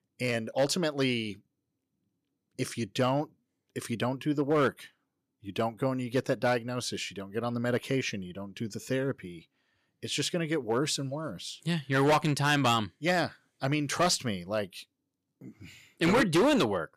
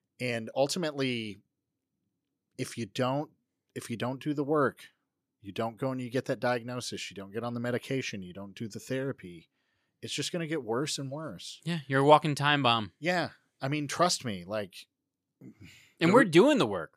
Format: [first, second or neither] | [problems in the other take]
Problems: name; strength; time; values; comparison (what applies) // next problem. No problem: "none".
second | distortion; heavy; 3% of the sound clipped